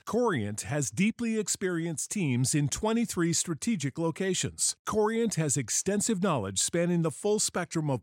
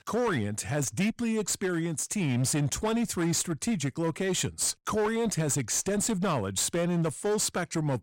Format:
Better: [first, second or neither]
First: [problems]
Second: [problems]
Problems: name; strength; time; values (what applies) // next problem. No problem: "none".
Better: first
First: none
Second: distortion; slight; 18% of the sound clipped